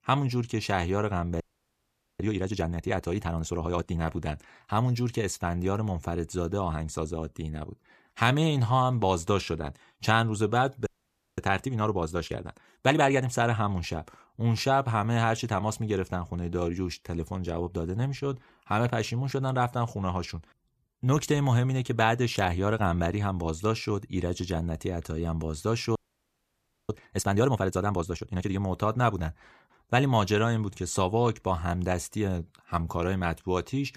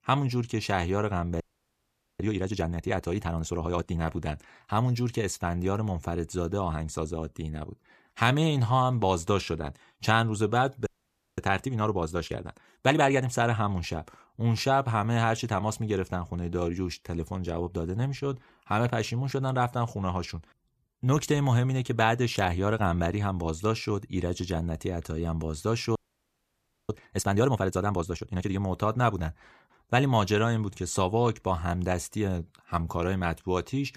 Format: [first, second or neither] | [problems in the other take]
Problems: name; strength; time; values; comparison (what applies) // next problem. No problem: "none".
neither | audio freezing; at 1.5 s for 1 s, at 11 s for 0.5 s and at 26 s for 1 s; the same in both